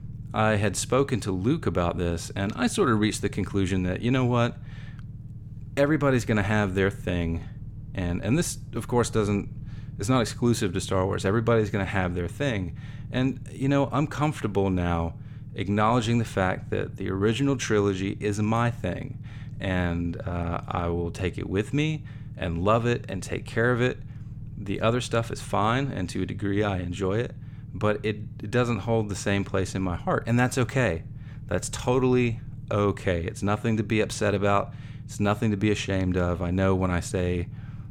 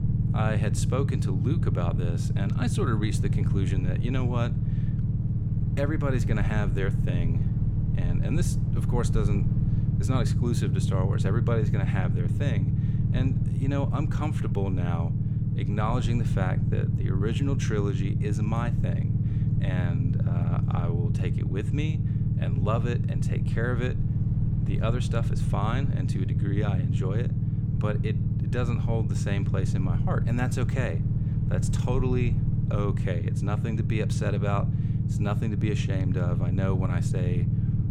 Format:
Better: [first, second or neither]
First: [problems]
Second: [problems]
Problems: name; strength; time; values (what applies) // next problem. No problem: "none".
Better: first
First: low rumble; faint; throughout; 25 dB below the speech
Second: low rumble; loud; throughout; 3 dB below the speech